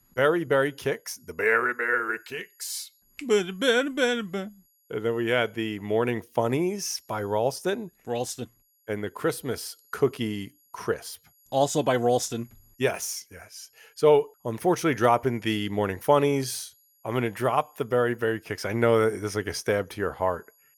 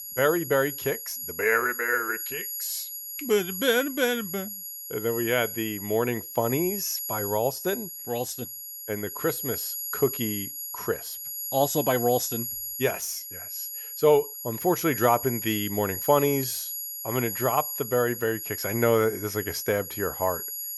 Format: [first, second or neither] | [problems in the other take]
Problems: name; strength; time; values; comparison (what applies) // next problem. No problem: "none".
first | high-pitched whine; loud; throughout; 11.5 kHz, 5 dB below the speech; faint in the first